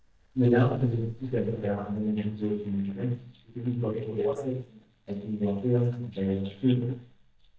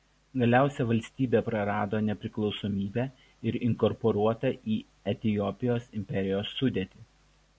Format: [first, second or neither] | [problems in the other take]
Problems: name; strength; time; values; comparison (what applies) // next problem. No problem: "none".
second | noise reduction (neural mask model DeepFilterNet 3)